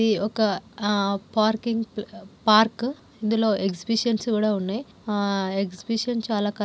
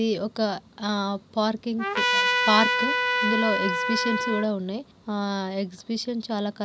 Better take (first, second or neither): first